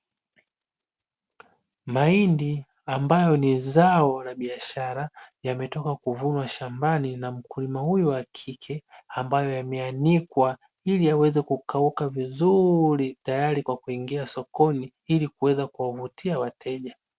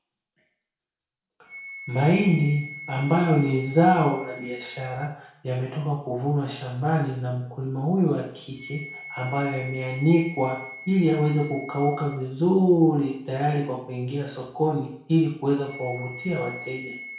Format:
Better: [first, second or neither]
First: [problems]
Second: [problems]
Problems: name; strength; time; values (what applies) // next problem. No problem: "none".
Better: first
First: none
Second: background sound (Wind instrument, woodwind instrument); 18 dB below the speech // room echo; dies away in 0.5 s